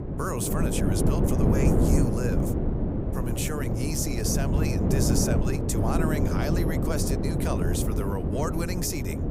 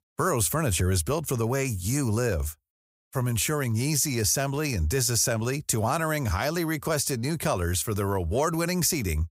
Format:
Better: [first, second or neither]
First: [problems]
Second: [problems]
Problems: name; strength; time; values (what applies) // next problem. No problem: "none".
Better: second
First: wind noise on the microphone; heavy; 1 dB above the speech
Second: none